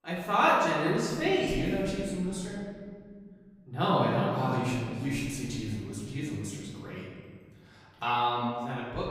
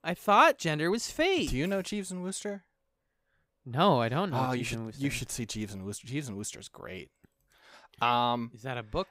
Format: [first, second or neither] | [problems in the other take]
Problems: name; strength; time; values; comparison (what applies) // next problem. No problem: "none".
second | room echo; noticeable; dies away in 2 s // off-mic speech; far